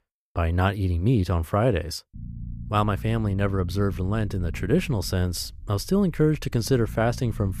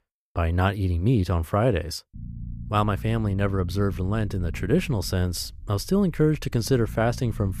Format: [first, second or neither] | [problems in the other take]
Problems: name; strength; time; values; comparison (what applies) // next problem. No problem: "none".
neither | low rumble; faint; from 2 s on; 20 dB below the speech; the same in both